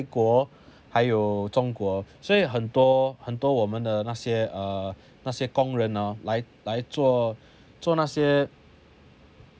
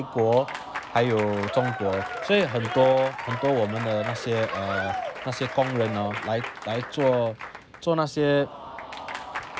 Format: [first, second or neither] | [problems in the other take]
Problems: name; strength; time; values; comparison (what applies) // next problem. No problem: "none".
first | background sound (Applause / Crowd); 8 dB below the speech